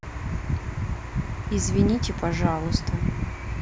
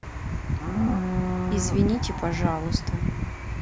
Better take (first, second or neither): first